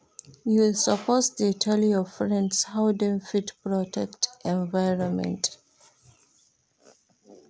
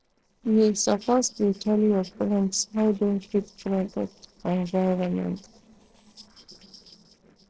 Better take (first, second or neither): first